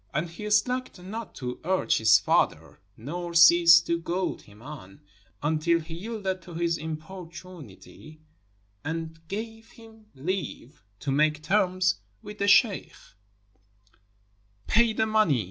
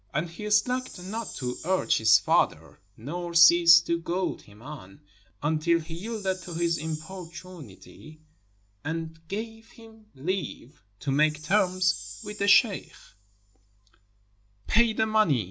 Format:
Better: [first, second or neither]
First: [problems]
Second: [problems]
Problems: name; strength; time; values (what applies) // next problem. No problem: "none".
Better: first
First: none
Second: background sound (Chime); 19 dB below the speech